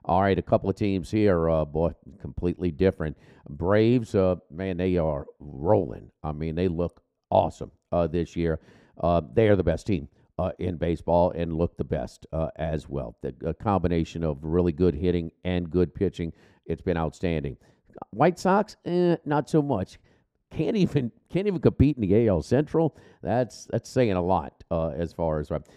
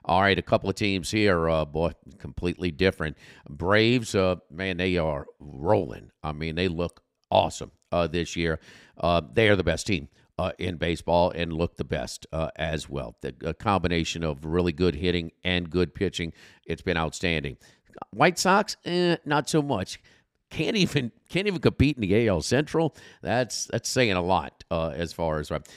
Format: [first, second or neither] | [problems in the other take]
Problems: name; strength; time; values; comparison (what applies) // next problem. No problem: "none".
second | muffled; slightly; fading above 1.5 kHz